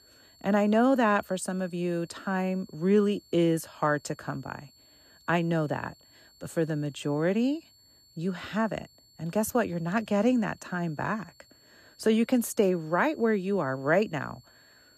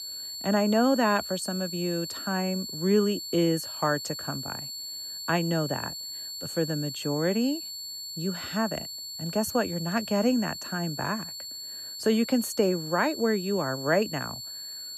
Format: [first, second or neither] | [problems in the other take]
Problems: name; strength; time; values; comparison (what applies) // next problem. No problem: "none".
first | high-pitched whine; loud; throughout; 4.5 kHz, 7 dB below the speech; faint in the first